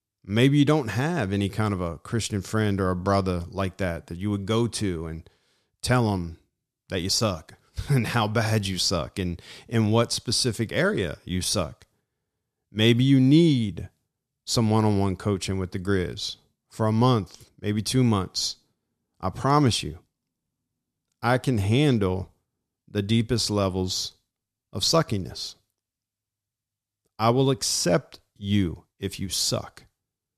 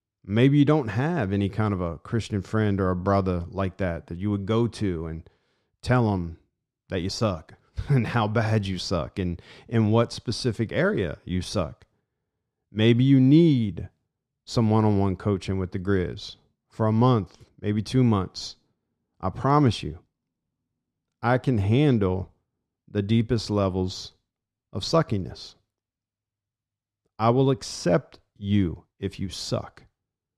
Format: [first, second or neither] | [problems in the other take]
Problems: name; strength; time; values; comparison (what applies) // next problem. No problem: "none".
first | muffled; slightly; fading above 2 kHz